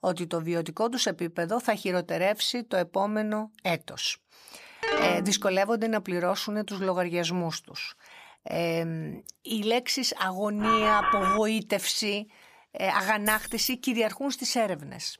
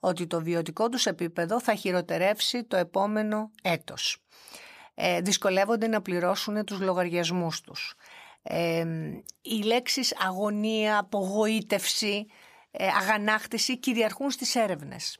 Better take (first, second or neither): second